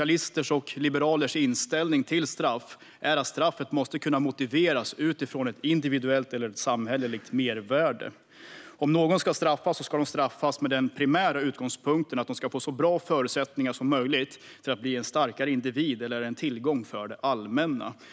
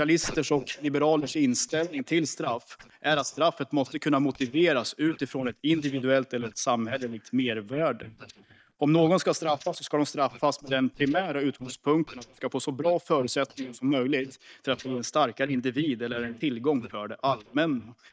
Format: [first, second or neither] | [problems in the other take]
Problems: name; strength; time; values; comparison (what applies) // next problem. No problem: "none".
first | noise reduction (neural mask model DeepFilterNet 3)